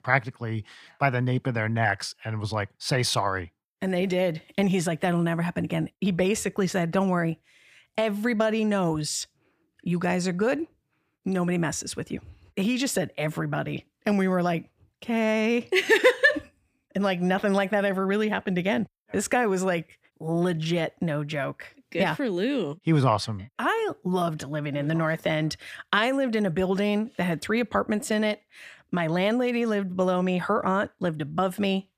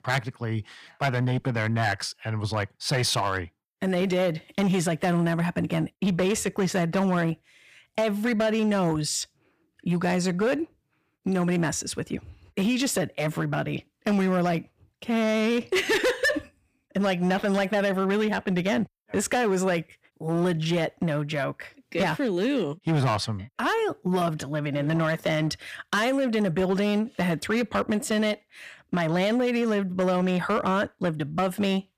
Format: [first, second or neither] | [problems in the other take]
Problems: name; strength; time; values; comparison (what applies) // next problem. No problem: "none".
first | distortion; slight; 8% of the sound clipped